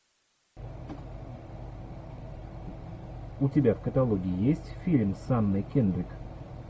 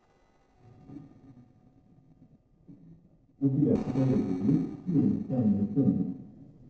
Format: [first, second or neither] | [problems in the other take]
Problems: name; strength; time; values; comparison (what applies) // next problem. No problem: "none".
first | noise reduction (neural separator model SepFormer DNS4)